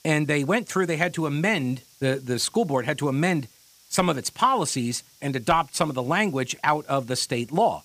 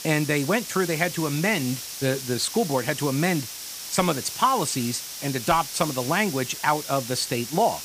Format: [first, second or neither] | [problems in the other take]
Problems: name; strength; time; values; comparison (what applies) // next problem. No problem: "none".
first | hiss; loud; throughout; 8 dB below the speech; faint in the first